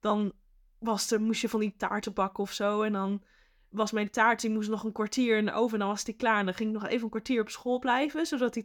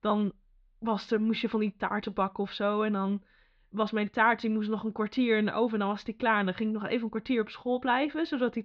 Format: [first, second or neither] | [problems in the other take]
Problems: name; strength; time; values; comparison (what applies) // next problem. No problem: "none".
first | muffled; slightly; fading above 4 kHz